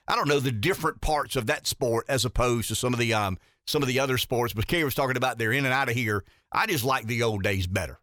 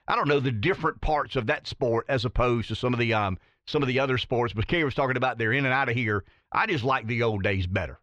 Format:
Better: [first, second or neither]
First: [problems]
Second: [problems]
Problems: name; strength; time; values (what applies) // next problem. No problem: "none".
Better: first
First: none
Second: muffled; slightly; fading above 3.5 kHz